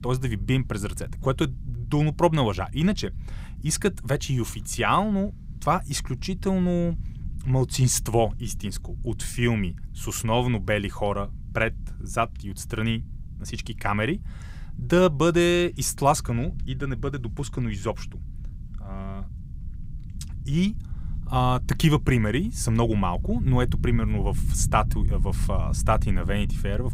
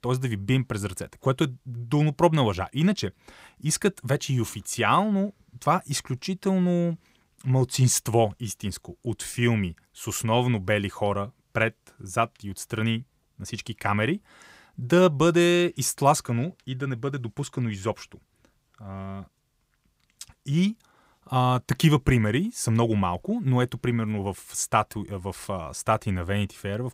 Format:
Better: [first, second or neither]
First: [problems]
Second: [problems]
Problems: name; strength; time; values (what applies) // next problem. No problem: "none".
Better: second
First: low rumble; faint; throughout; 20 dB below the speech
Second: none